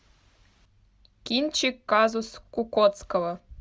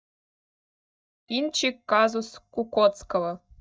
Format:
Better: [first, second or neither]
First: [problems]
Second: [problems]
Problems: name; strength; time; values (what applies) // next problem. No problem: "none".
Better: first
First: none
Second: noise reduction (neural mask model DeepFilterNet 3)